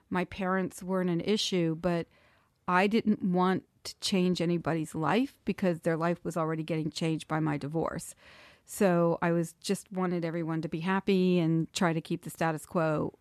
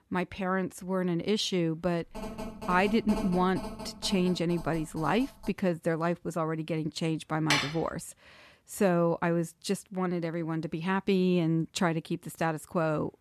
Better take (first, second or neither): first